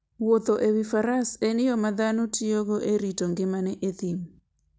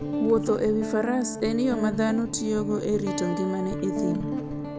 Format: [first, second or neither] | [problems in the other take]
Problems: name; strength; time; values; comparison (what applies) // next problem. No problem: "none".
first | background sound (Guitar); 4 dB below the speech